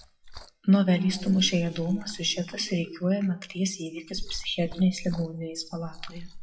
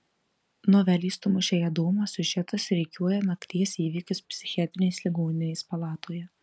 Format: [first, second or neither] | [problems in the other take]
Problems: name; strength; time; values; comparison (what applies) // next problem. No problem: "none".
second | noise reduction (classical method WPE with log-MMSE)